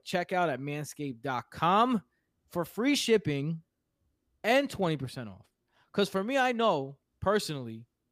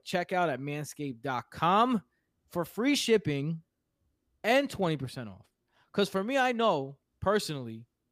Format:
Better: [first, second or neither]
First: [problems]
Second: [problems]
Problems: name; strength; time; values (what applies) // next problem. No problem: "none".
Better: neither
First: none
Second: none